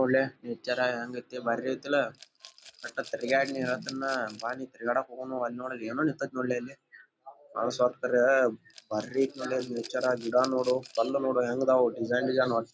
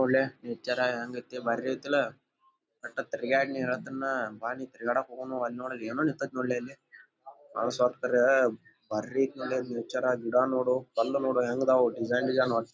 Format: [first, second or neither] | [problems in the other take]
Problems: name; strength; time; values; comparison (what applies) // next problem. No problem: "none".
second | background sound (Rattle / Glass); 19 dB below the speech